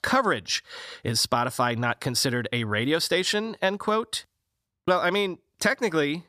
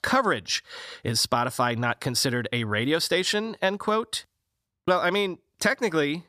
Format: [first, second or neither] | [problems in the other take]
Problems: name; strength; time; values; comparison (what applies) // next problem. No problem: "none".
neither | none